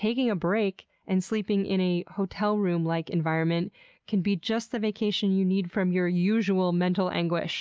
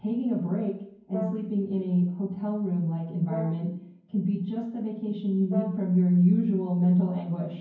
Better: first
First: none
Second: background sound (Brass instrument); 15 dB below the speech // room echo; dies away in 0.9 s

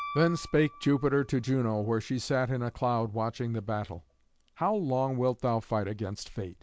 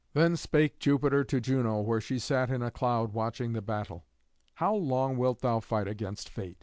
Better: second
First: background sound (Piano); 20 dB below the speech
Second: none

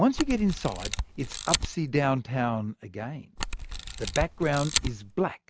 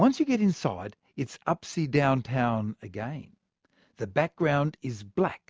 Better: second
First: background sound (Camera); 4 dB below the speech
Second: none

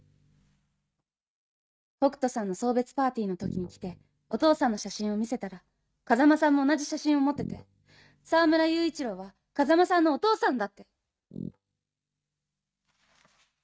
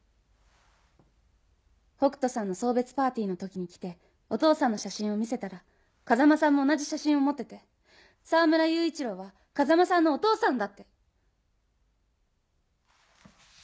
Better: second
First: noise reduction (neural mask model RNNoise)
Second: none

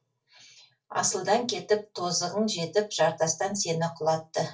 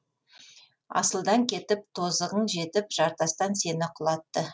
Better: second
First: room echo; dies away in 0.2 s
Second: none

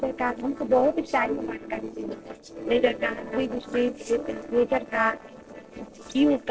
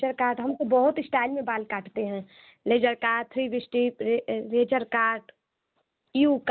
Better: second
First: noise reduction (neural separator model SepFormer DNS4)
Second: none

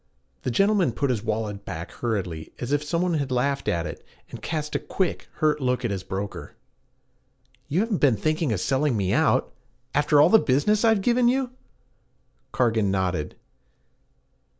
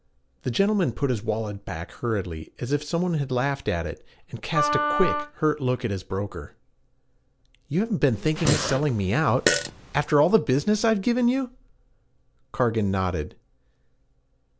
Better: first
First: none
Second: background sound (Fart + Wind instrument, woodwind instrument); 2 dB below the speech

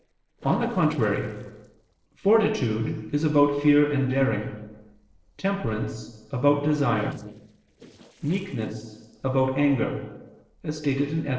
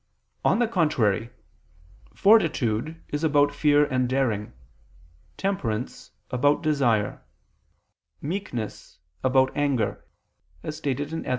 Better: second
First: noise reduction (neural separator model SepFormer DNS4)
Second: none

